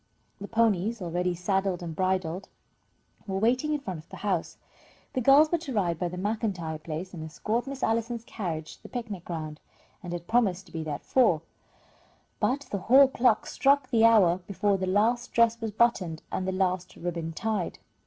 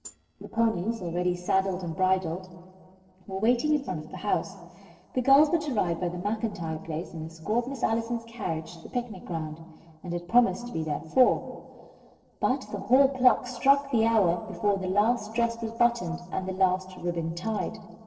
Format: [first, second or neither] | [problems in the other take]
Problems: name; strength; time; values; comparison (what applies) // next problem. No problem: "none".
first | noise reduction (neural separator model SepFormer DNS4)